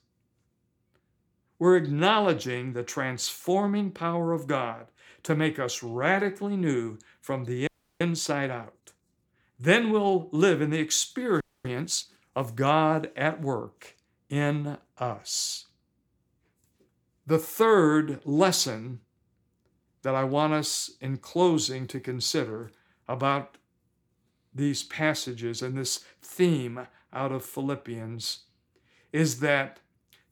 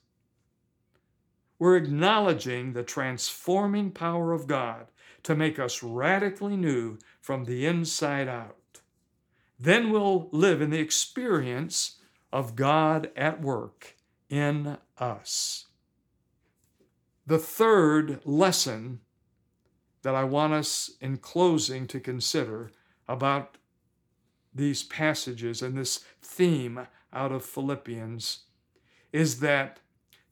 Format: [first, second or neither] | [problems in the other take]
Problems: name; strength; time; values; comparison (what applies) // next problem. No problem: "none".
second | audio freezing; at 7.5 s and at 11 s